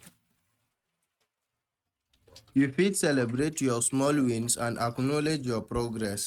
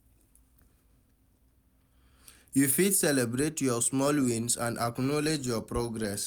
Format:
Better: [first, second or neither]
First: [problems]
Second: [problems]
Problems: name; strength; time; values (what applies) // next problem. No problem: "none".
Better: second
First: noise reduction (neural mask model RNNoise)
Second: none